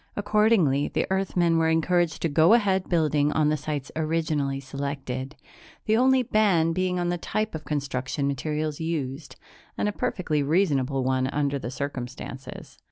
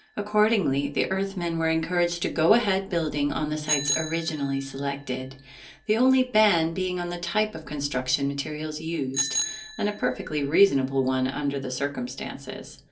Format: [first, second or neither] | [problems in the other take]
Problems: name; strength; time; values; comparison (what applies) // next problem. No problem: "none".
first | background sound (Bicycle bell); 13 dB below the speech // room echo; dies away in 0.3 s